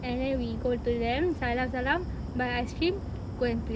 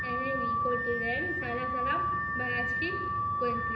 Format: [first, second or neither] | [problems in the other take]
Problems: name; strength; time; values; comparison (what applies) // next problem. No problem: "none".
first | background sound (Alarm / Car); 4 dB above the speech // room echo; dies away in 0.9 s